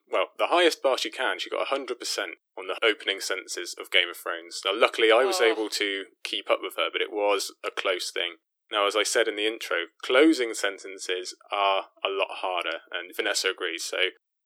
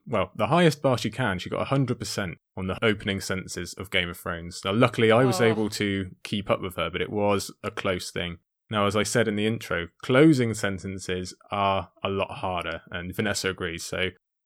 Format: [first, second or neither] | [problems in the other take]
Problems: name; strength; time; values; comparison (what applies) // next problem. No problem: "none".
second | thin; very; fading below 350 Hz